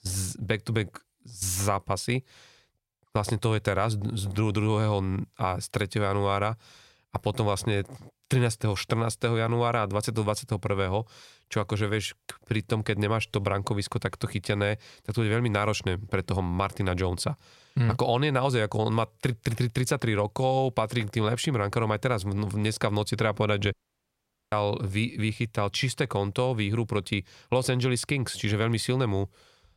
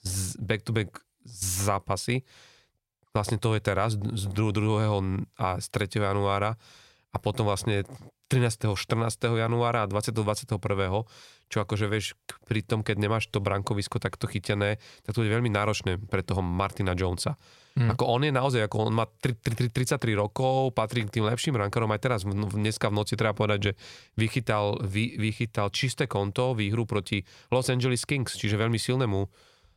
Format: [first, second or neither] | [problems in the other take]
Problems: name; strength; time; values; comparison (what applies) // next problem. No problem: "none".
second | audio cutting out; at 24 s for 1 s